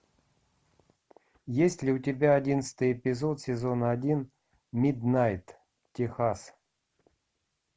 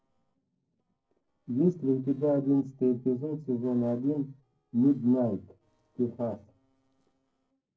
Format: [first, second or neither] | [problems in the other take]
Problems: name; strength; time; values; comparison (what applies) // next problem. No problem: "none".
first | noise reduction (neural separator model SepFormer DNS4)